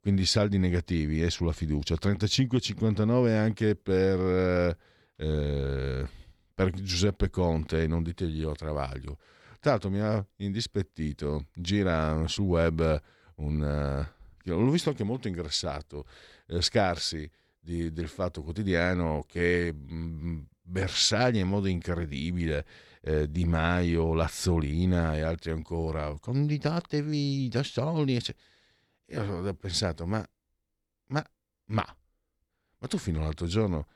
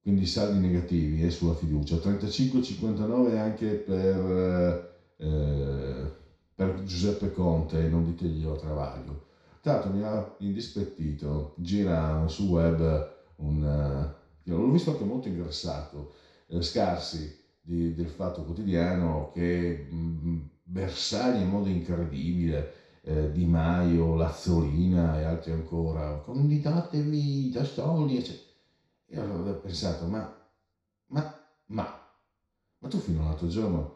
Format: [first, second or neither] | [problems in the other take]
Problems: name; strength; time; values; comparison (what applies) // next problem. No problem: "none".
first | room echo; noticeable; dies away in 0.6 s // off-mic speech; far